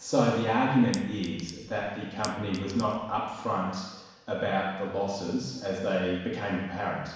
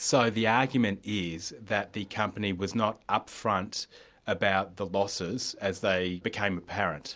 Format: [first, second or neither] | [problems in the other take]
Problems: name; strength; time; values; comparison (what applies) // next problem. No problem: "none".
second | background sound (Chink, clink); 16 dB below the speech // room echo; dies away in 1.1 s